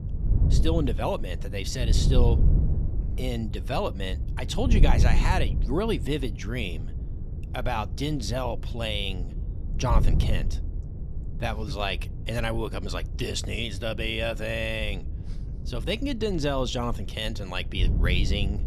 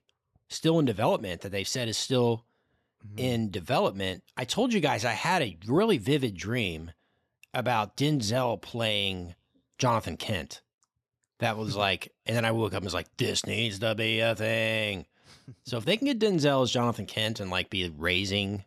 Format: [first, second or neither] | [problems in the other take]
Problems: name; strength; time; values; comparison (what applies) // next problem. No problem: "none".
second | wind noise on the microphone; occasional gusts; 15 dB below the speech